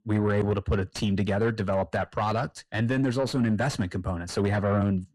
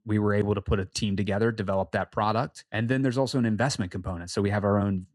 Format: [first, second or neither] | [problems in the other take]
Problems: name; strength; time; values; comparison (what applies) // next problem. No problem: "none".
second | distortion; slight; 10 dB below the speech